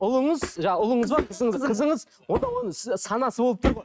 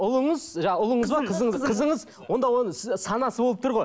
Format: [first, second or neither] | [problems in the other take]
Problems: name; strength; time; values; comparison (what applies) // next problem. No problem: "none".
second | noise reduction (neural mask model RNNoise)